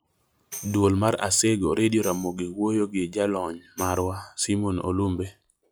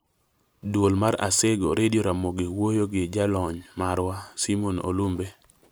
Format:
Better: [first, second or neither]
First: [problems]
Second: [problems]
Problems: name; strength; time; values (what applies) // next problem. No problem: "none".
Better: second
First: noise reduction (classical method log-MMSE)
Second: none